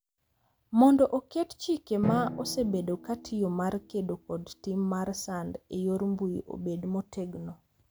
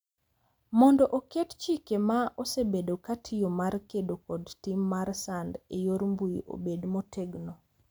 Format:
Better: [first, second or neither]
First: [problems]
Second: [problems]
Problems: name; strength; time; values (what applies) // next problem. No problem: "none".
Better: second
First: background sound (Drum); 14 dB below the speech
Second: none